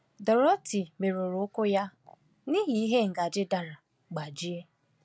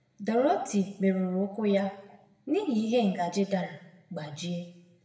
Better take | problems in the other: first | room echo; dies away in 0.8 s

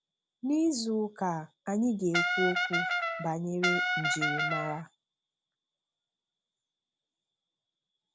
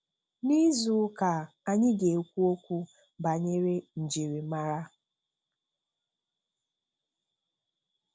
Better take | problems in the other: second | background sound (Brass instrument); 4 dB above the speech

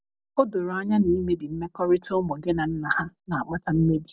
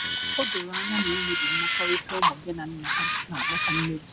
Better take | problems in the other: first | background sound (Camera); 5 dB above the speech

